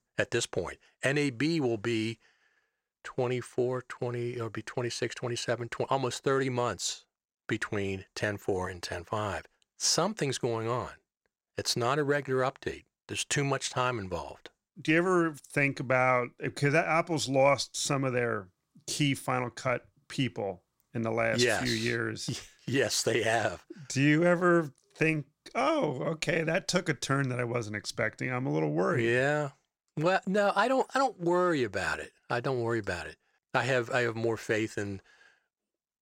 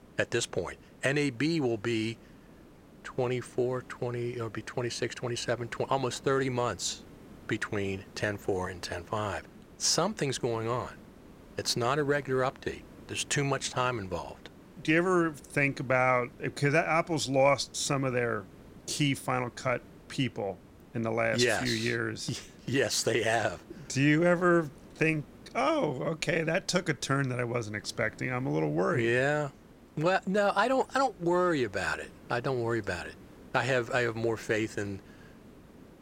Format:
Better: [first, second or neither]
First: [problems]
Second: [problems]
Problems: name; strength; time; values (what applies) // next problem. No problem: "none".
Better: first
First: none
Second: hiss; faint; throughout; 25 dB below the speech